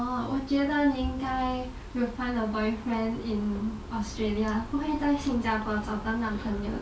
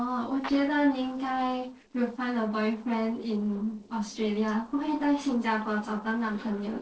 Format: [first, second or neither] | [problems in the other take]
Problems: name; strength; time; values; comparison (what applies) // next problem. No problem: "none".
first | noise reduction (neural separator model SepFormer DNS4)